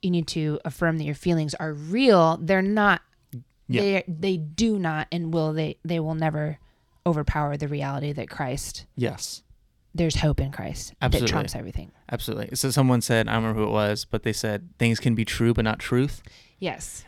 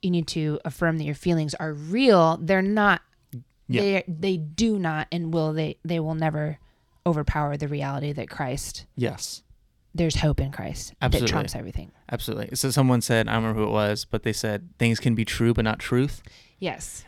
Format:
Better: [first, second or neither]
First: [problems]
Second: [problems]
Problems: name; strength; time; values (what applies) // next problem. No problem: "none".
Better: neither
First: none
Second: none